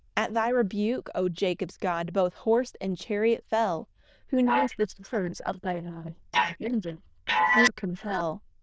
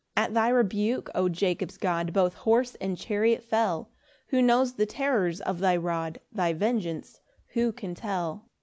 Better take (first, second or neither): second